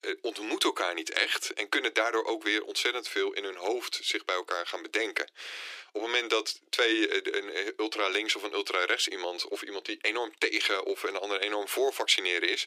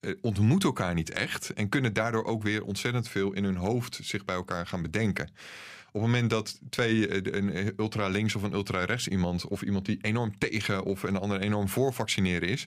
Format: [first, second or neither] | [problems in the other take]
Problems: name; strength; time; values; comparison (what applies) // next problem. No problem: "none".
second | thin; very; fading below 300 Hz